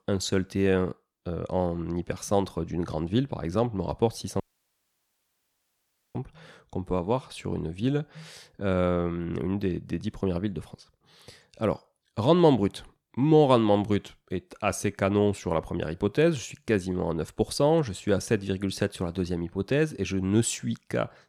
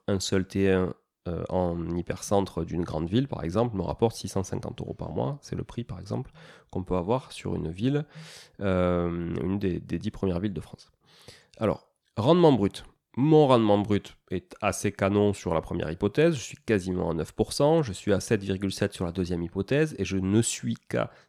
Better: second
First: audio cutting out; at 4.5 s for 2 s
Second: none

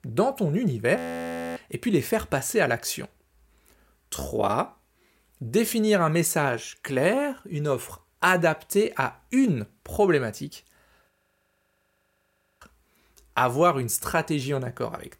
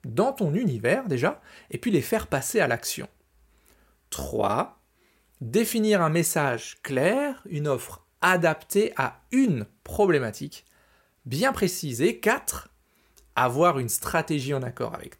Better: second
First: audio freezing; at 1 s for 0.5 s and at 11 s for 1.5 s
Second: none

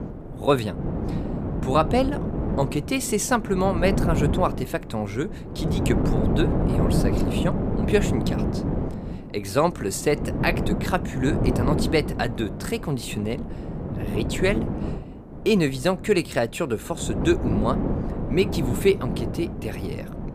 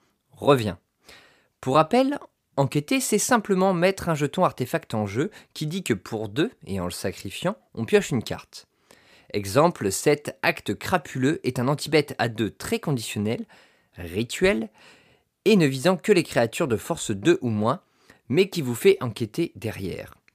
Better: second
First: wind noise on the microphone; heavy; 6 dB below the speech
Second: none

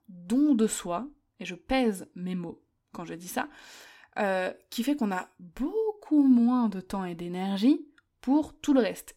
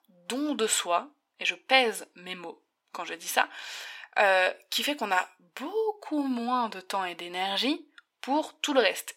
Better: first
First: none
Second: thin; very; fading below 650 Hz

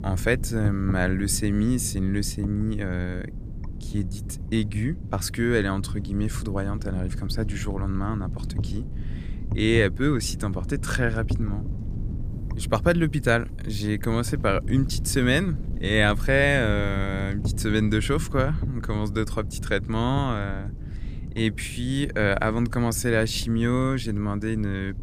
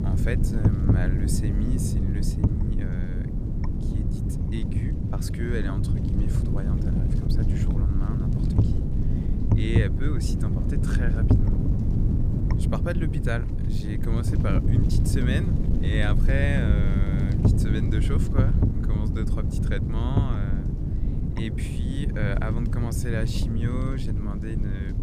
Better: first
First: wind noise on the microphone; occasional gusts; 15 dB below the speech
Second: wind noise on the microphone; heavy; as loud as the speech

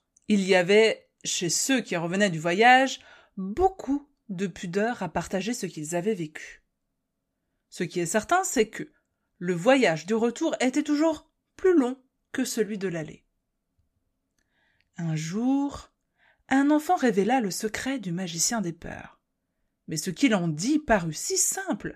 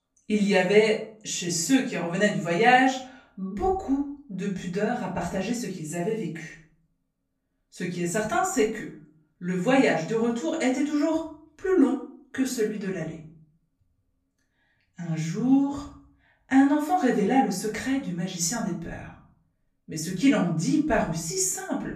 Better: first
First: none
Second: room echo; slight; dies away in 0.5 s // off-mic speech; far

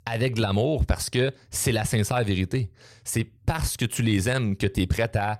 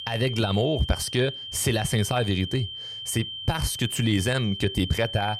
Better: first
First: none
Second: high-pitched whine; loud; throughout; 3 kHz, 8 dB below the speech

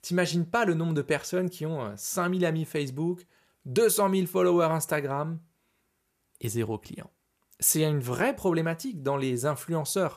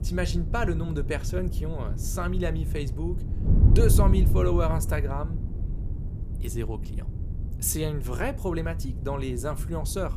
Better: first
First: none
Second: wind noise on the microphone; heavy; 10 dB below the speech

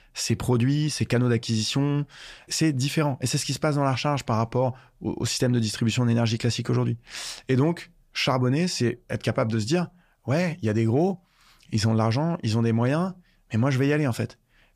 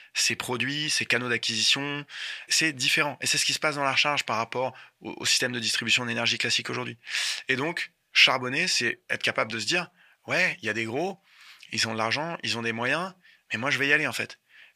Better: first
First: none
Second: thin; somewhat; fading below 950 Hz

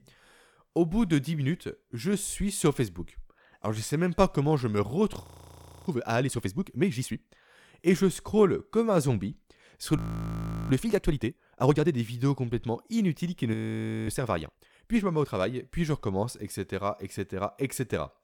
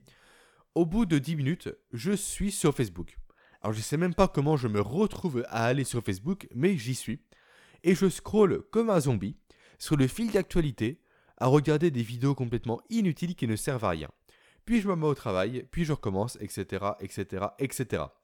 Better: second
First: audio freezing; at 5 s for 0.5 s, at 10 s for 0.5 s and at 14 s for 0.5 s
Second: none

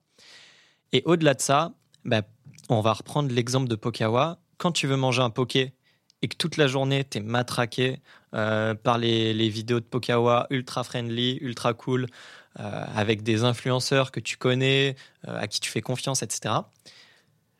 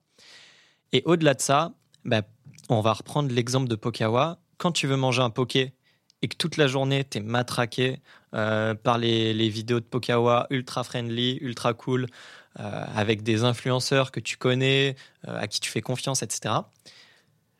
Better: neither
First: none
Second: none

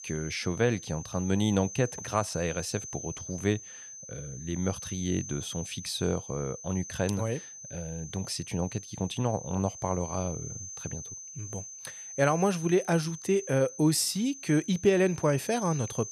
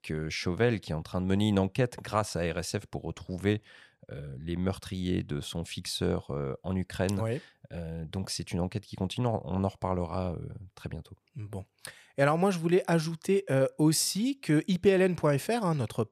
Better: second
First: high-pitched whine; noticeable; throughout; 6 kHz, 10 dB below the speech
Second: none

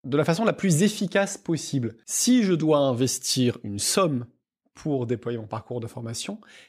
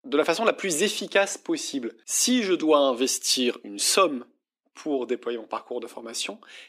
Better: first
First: none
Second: thin; somewhat; fading below 250 Hz

